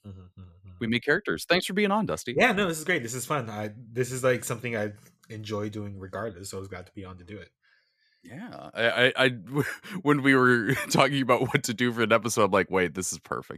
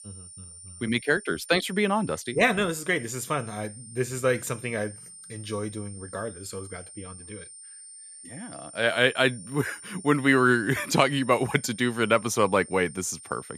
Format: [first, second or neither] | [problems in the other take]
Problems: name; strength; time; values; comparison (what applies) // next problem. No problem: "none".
first | high-pitched whine; noticeable; throughout; 9 kHz, 15 dB below the speech